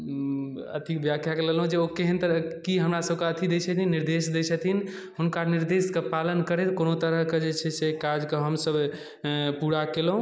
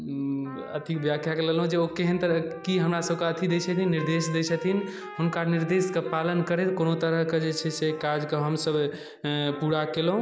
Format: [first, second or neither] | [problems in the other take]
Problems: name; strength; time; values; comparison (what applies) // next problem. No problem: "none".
first | background sound (Trumpet); 18 dB below the speech